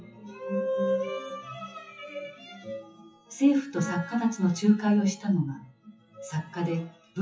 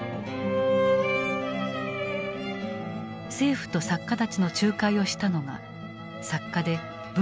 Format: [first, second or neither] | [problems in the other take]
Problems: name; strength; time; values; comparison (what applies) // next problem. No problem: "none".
second | noise reduction (classical method WPE with log-MMSE)